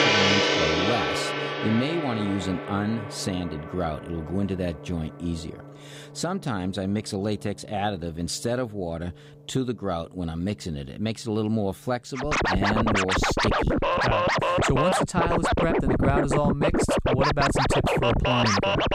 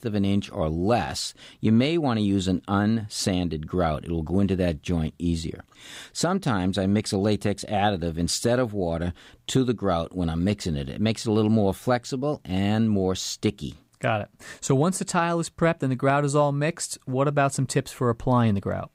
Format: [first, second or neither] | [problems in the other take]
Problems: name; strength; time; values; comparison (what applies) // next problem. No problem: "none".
second | background music; very loud; throughout; 5 dB above the speech